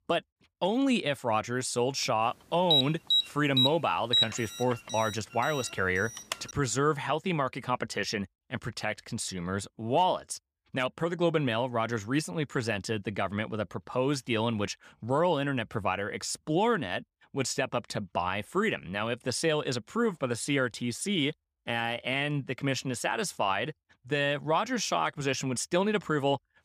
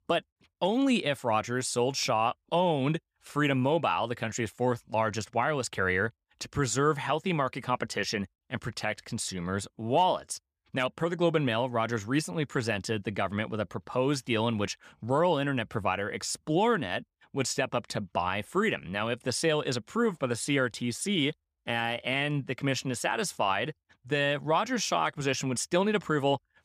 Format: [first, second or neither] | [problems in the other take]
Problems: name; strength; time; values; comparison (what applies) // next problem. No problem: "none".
second | alarm; loud; from 2.5 to 6.5 s; peak 5 dB above the speech